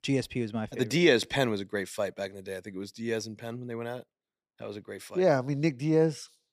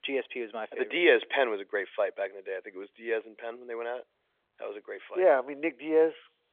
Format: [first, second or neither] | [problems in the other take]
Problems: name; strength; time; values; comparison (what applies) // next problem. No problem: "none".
first | phone-call audio; nothing above 3.5 kHz